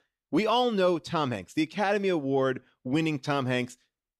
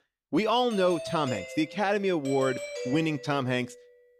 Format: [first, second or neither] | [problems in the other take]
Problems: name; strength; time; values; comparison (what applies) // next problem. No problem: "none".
first | doorbell; noticeable; from 0.5 s on; peak 7 dB below the speech